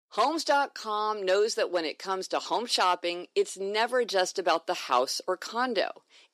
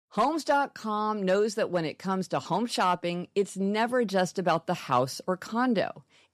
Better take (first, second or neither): second